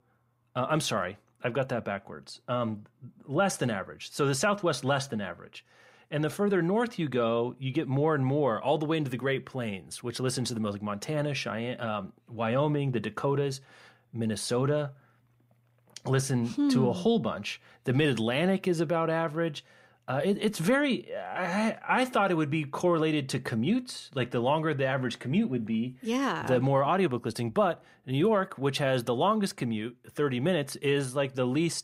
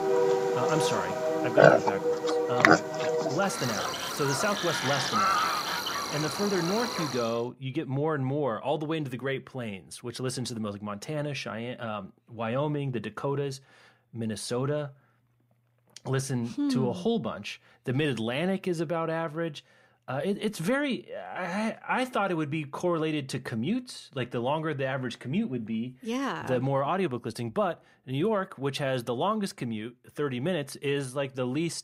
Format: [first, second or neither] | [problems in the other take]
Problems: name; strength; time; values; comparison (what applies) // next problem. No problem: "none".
first | animal sounds; very loud; until 7 s; 5 dB above the speech